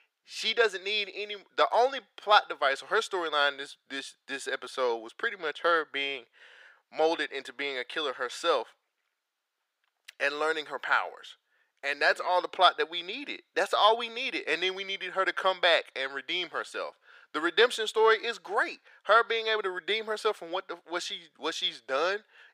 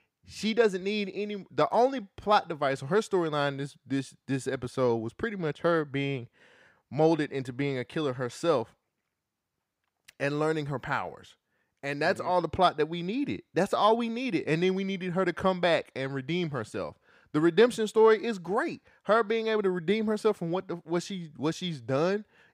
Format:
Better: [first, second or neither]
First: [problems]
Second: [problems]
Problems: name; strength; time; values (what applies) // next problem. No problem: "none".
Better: second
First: thin; very; fading below 500 Hz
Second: none